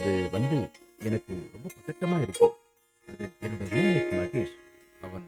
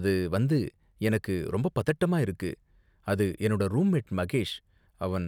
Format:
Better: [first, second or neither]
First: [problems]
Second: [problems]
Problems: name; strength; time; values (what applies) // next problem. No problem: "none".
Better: second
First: noise reduction (neural mask model RNNoise)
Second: none